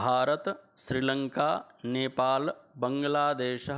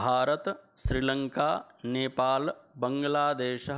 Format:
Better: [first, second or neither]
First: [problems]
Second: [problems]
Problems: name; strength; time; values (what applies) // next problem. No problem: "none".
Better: first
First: none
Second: background sound (Bass drum); 12 dB below the speech